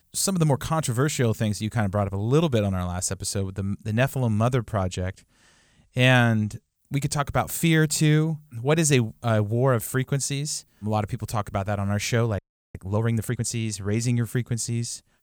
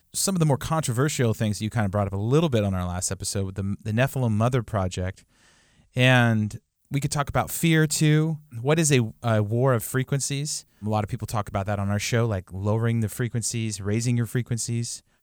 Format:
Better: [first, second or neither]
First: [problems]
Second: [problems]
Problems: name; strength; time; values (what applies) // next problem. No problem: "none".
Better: second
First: audio freezing; at 12 s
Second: none